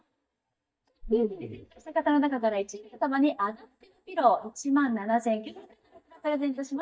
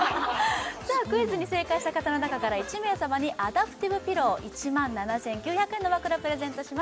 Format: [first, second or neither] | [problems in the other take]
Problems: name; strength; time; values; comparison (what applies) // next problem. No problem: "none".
second | noise reduction (neural mask model DeepFilterNet 3)